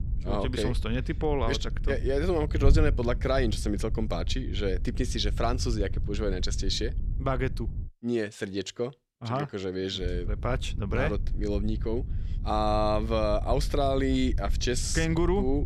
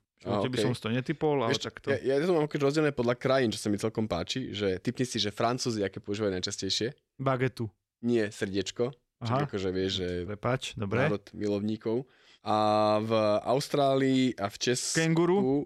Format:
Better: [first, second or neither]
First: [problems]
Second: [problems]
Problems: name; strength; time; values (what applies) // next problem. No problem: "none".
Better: second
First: wind noise on the microphone; occasional gusts; until 8 s and from 10 s on; 20 dB below the speech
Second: none